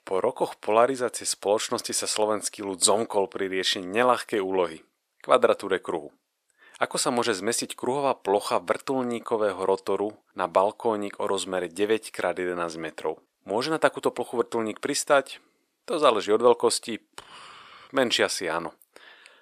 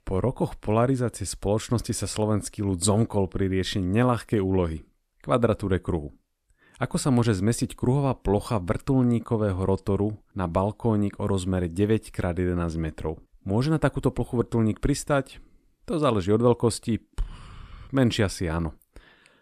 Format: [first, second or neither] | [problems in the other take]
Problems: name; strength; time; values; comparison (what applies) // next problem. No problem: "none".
second | thin; very; fading below 550 Hz